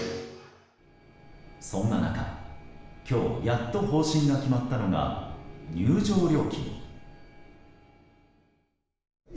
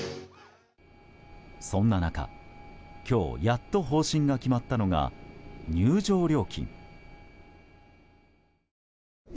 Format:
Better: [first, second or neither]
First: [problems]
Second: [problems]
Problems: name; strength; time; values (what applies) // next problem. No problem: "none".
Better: second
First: room echo; dies away in 0.9 s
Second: none